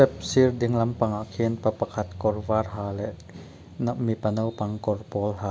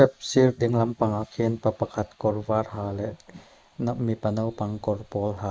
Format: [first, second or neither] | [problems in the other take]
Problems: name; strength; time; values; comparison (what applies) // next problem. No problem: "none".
first | noise reduction (neural mask model Resemble Enhance denoiser)